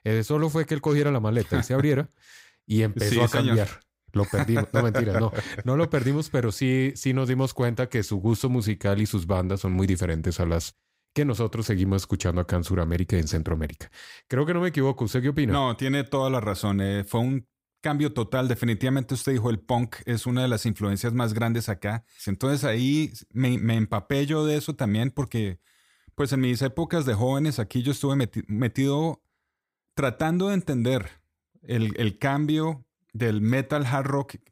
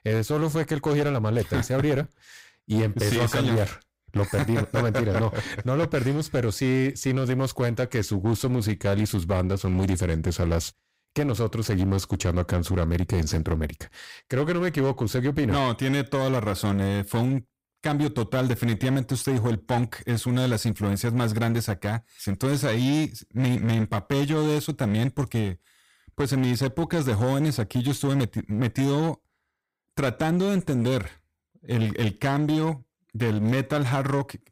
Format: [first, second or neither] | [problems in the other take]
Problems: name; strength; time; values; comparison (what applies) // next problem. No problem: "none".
first | distortion; slight; 15% of the sound clipped